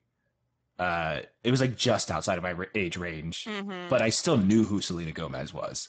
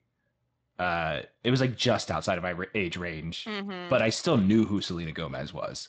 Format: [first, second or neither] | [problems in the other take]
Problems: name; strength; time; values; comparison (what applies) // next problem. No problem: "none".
second | garbled, watery; badly; nothing above 8 kHz; slightly in the second